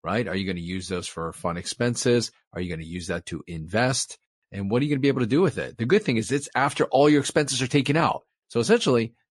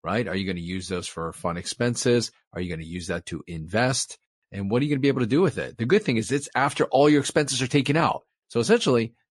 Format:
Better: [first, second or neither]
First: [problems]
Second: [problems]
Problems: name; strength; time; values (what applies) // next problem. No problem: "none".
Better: neither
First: garbled, watery; slightly; nothing above 11 kHz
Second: garbled, watery; slightly; nothing above 11 kHz